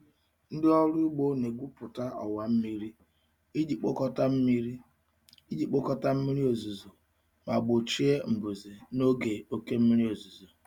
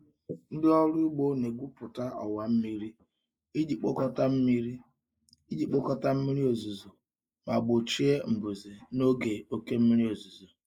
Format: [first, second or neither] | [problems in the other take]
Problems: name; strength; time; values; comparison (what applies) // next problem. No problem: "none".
first | noise reduction (neural mask model Resemble Enhance denoiser)